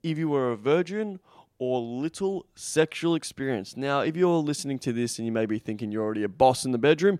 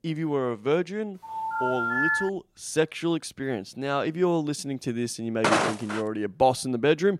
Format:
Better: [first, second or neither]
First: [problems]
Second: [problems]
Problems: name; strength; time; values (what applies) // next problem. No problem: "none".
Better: first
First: none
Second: phone ringing; loud; from 1 to 2.5 s; peak 4 dB above the speech // footsteps; loud; at 5.5 s; peak 4 dB above the speech